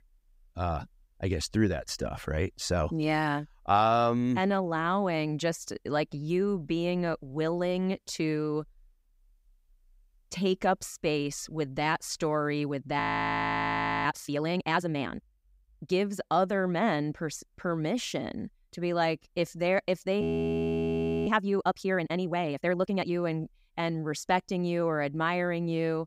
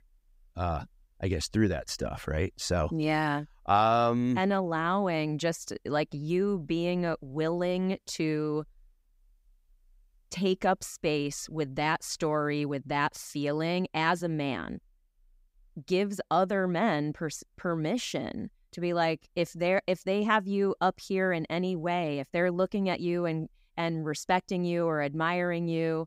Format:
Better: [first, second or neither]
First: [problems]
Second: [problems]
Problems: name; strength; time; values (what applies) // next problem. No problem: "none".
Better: second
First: audio freezing; at 13 s for 1 s and at 20 s for 1 s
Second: none